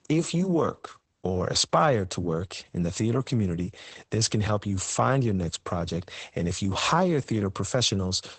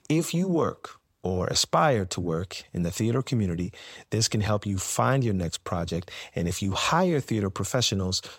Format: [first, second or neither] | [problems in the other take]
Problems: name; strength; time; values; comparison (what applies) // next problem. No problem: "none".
second | garbled, watery; badly; nothing above 8 kHz